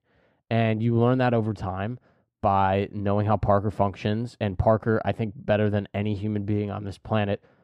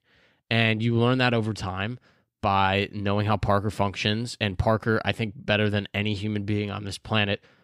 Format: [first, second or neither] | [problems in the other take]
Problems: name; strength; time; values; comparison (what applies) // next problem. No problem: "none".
second | muffled; slightly; fading above 1.5 kHz